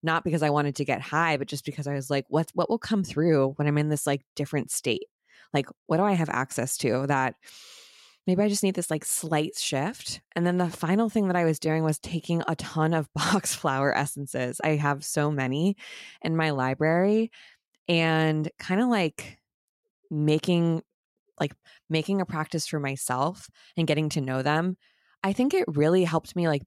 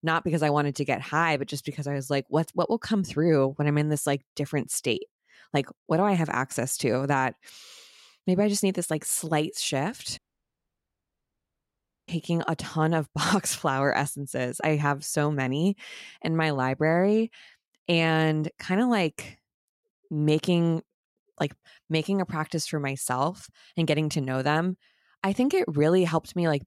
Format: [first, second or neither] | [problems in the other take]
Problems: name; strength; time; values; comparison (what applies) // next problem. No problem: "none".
first | audio cutting out; at 10 s for 2 s